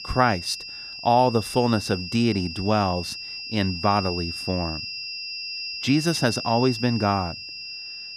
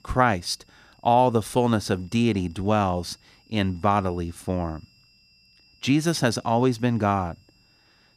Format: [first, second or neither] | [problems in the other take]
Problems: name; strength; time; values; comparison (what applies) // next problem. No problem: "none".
second | high-pitched whine; loud; throughout; 5 kHz, 8 dB below the speech; faint in the second